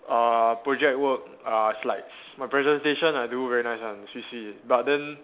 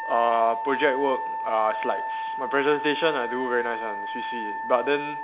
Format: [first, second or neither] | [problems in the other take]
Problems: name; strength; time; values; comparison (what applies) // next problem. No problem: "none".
first | background sound (Wind instrument, woodwind instrument); 5 dB below the speech